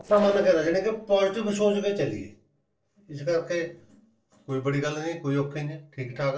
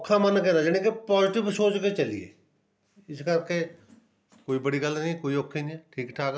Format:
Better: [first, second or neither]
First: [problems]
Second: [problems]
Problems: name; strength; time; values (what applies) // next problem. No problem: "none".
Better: second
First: noise reduction (neural separator model SepFormer DNS4)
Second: none